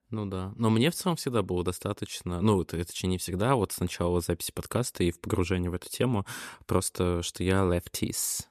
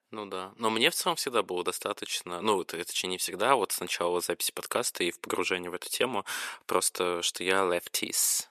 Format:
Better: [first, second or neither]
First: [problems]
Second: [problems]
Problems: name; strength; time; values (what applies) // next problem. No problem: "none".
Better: first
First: none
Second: thin; very; fading below 500 Hz